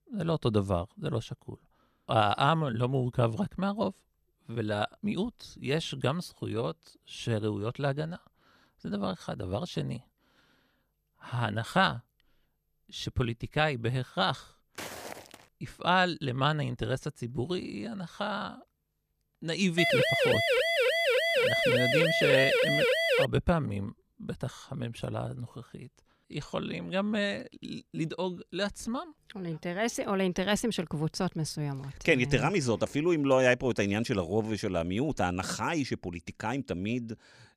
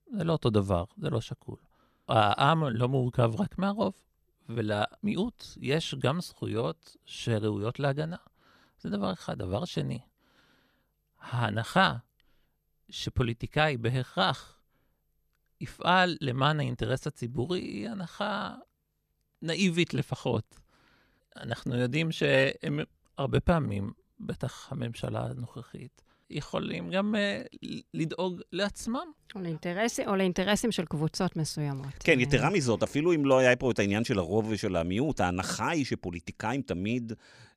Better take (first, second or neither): second